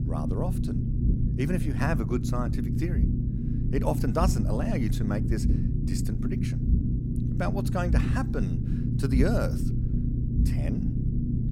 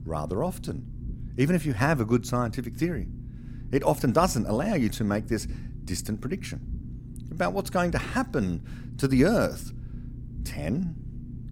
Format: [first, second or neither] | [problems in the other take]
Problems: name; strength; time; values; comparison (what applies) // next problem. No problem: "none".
second | low rumble; loud; throughout; 4 dB below the speech; faint in the second